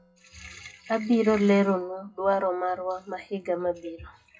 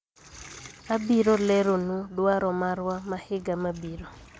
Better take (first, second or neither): second